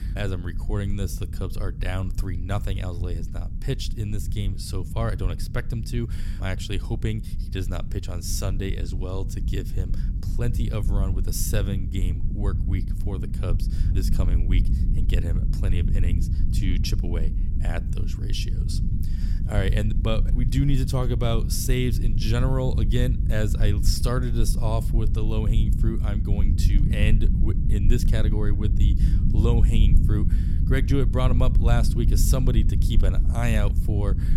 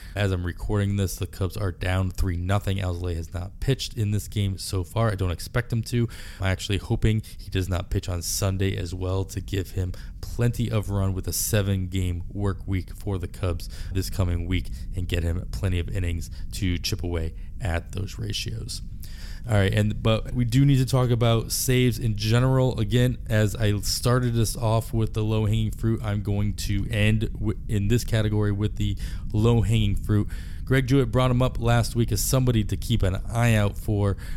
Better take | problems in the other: second | low rumble; loud; throughout; 7 dB below the speech; faint in the second

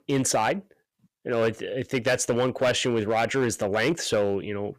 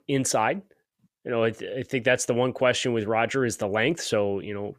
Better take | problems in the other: second | distortion; slight; 5% of the sound clipped

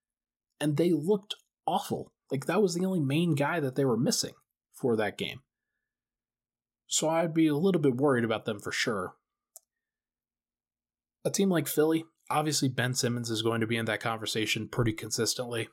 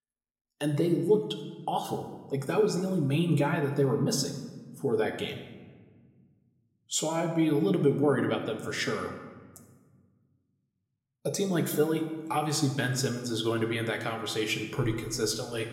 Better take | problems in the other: first | room echo; slight; dies away in 1.1 s

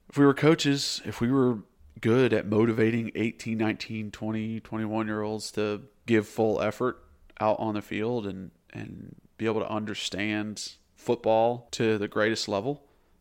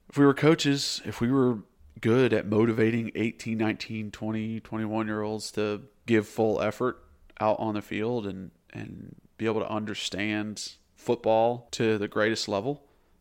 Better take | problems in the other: neither | none

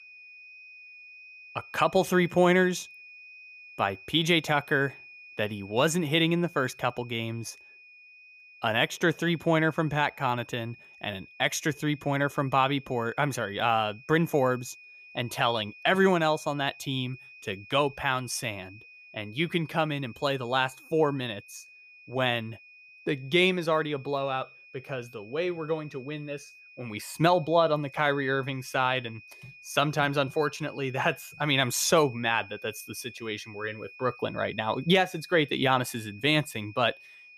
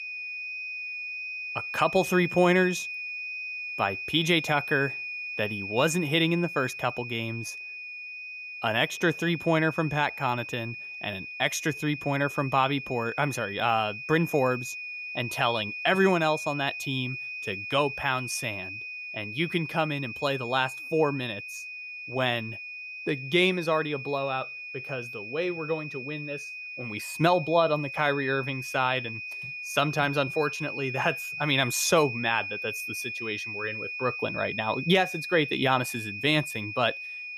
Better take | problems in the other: first | high-pitched whine; loud; throughout; 2.5 kHz, 7 dB below the speech; faint in the first

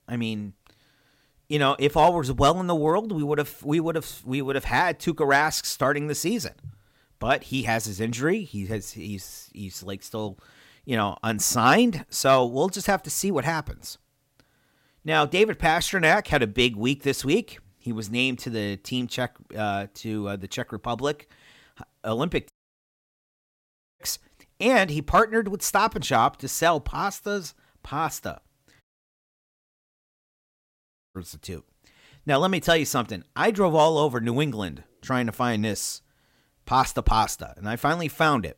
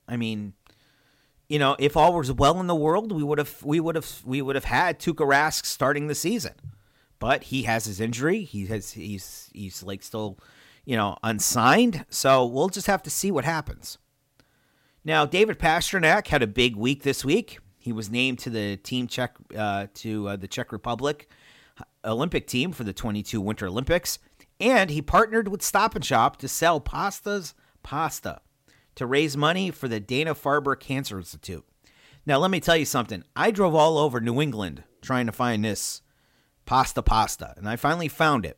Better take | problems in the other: second | audio cutting out; at 23 s for 1.5 s and at 29 s for 2.5 s

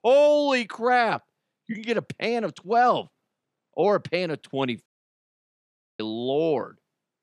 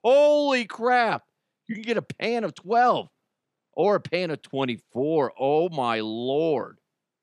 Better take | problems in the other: second | audio cutting out; at 5 s for 1 s

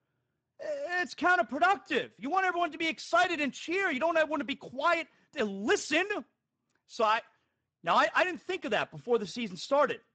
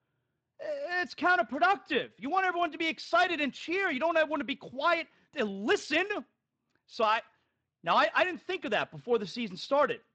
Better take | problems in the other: second | garbled, watery; badly; nothing above 8 kHz; slightly in the second

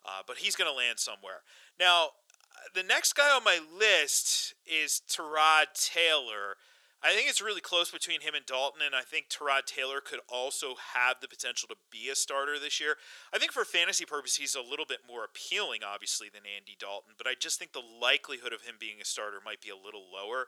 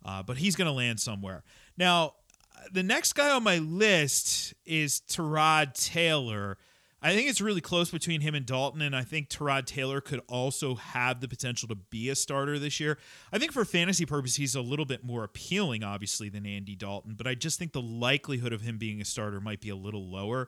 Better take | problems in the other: second | thin; very; fading below 450 Hz

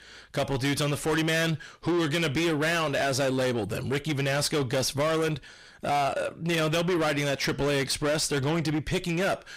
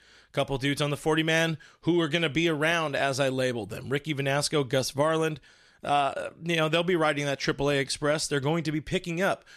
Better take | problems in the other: second | distortion; heavy; 7 dB below the speech

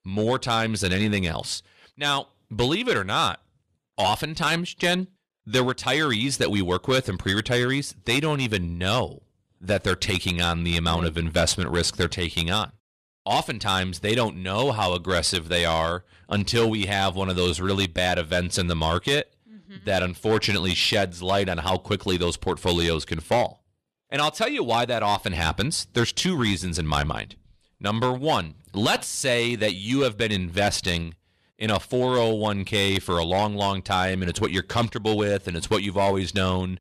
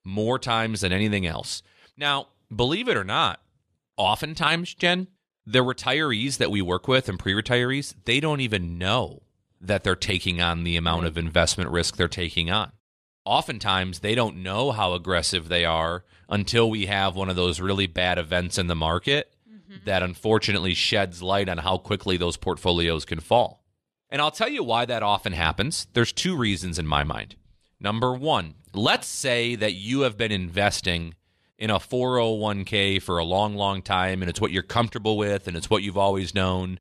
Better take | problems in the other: second | distortion; slight; 4% of the sound clipped

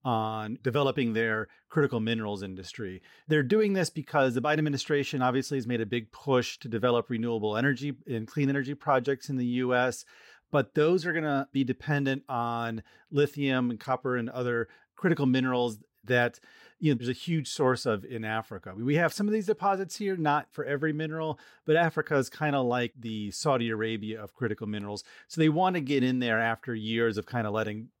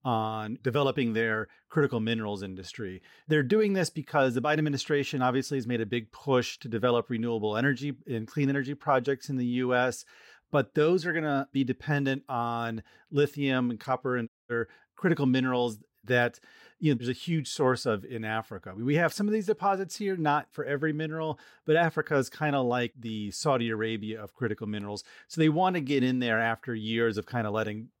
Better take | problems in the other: first | audio cutting out; at 14 s

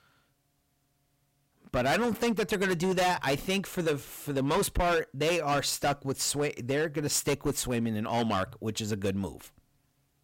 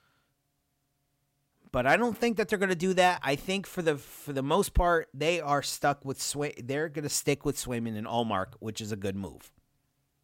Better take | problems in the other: second | distortion; heavy; 11% of the sound clipped

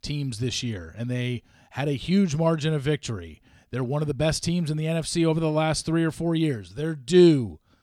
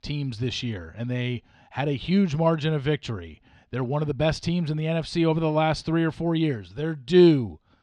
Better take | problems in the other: first | muffled; very slightly; fading above 3.5 kHz

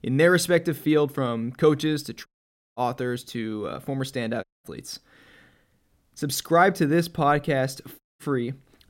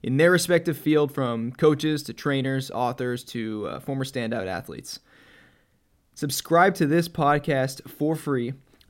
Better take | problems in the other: second | audio cutting out; at 2.5 s for 0.5 s, at 4.5 s and at 8 s

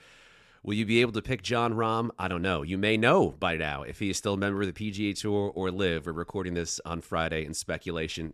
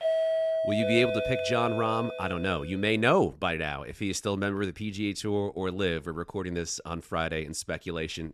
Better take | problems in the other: first | doorbell; loud; until 2.5 s; peak 3 dB above the speech

